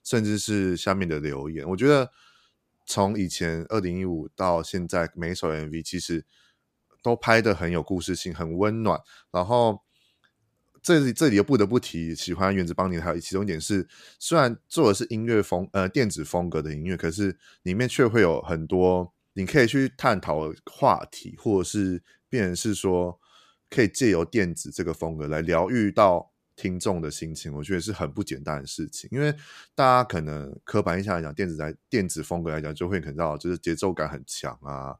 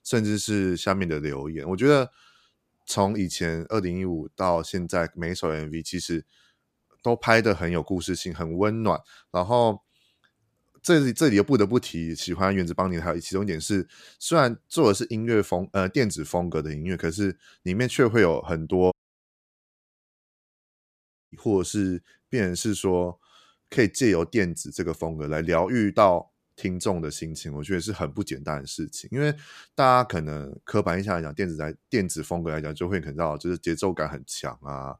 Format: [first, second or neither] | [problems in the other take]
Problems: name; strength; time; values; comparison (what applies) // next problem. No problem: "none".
first | audio cutting out; at 19 s for 2.5 s